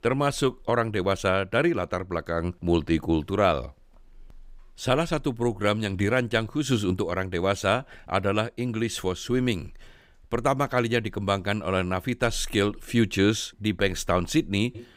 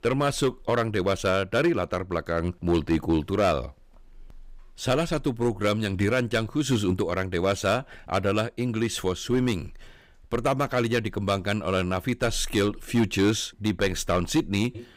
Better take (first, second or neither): first